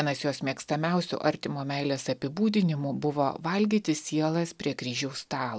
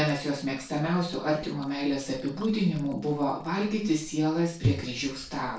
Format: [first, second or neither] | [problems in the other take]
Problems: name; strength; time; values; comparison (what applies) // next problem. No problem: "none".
first | noise reduction (neural separator model SepFormer DNS4)